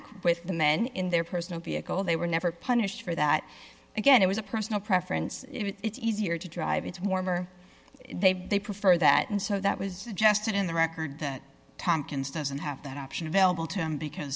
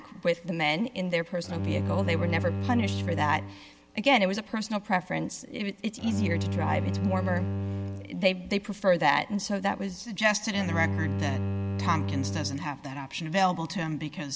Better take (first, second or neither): first